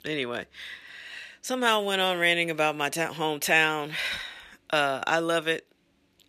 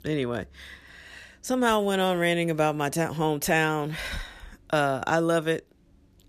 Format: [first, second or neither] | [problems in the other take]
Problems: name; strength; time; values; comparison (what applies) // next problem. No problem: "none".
second | thin; very slightly; fading below 800 Hz